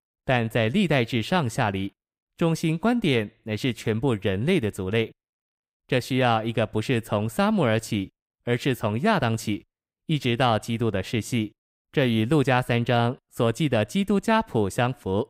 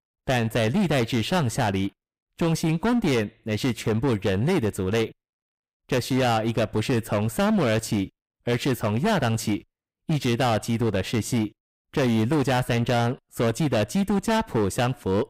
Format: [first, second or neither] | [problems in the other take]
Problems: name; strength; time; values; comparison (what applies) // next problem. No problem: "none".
first | distortion; heavy; 16% of the sound clipped